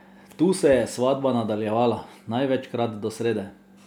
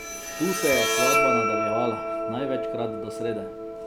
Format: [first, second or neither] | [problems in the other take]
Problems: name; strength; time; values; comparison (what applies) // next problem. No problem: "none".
first | background sound (Bowed string instrument); 3 dB above the speech